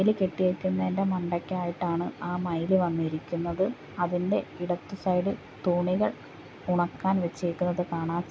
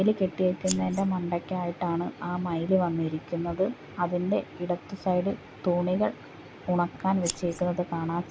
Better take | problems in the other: first | background sound (Scissors); 9 dB below the speech

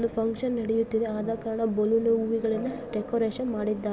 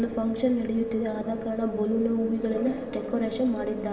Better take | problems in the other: first | room echo; dies away in 2.9 s

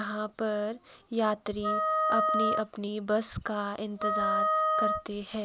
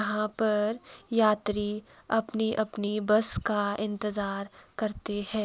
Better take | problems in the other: second | background sound (Wind instrument, woodwind instrument); 4 dB above the speech

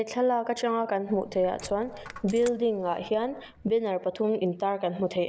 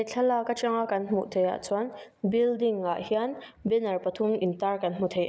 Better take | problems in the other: second | background sound (Coin (dropping)); 20 dB below the speech

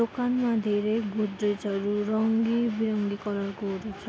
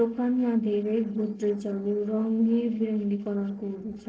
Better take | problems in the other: first | noise reduction (neural separator model SepFormer DNS4)

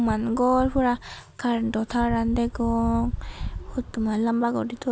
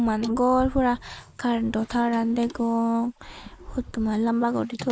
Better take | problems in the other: first | noise reduction (neural mask model Resemble Enhance denoiser)

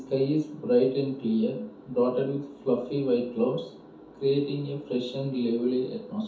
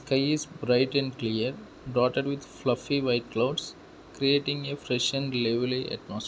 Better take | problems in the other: second | room echo; dies away in 0.5 s

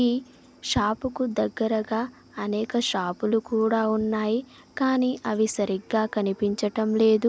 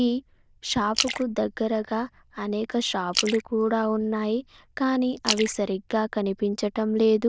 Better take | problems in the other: first | noise reduction (neural diffusion model UNIVERSE++)

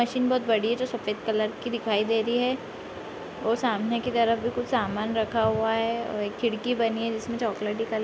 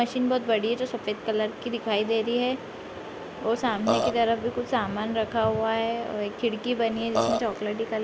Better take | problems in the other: first | background sound (Burping, eructation); 1 dB below the speech

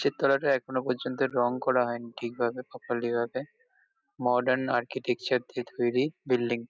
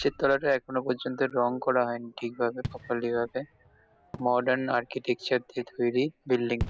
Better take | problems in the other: first | background sound (Fireworks); 15 dB below the speech

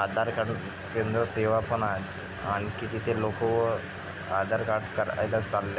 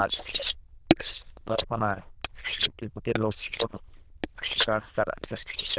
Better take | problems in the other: first | noise reduction (neural diffusion model UNIVERSE++)

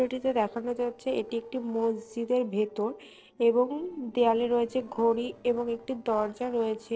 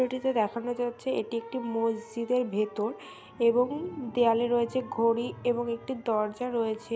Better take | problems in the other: second | noise reduction (neural separator model SepFormer DNS4)

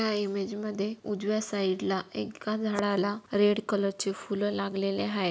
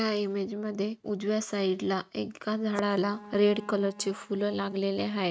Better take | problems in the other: first | noise reduction (neural mask model RNNoise)

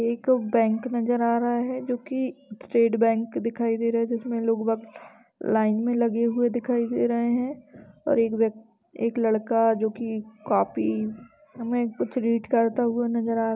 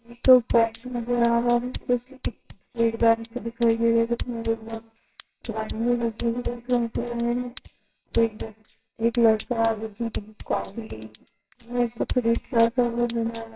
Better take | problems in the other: first | noise reduction (neural separator model SepFormer WHAMR!)

